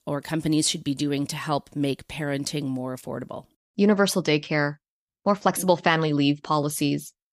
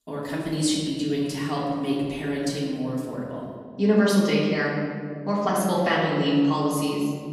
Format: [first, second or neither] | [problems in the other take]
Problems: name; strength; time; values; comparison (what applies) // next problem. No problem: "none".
first | off-mic speech; far // room echo; noticeable; dies away in 1.8 s